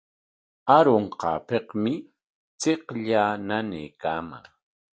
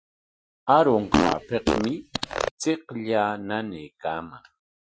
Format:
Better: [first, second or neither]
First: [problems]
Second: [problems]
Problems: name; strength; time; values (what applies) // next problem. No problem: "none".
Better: first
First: none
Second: noise reduction (classical method Wiener filter)